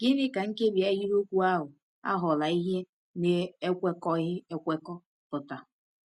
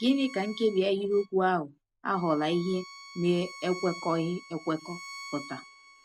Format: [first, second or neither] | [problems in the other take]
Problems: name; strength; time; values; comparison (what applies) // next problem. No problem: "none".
first | background sound (Bowed string instrument); 17 dB below the speech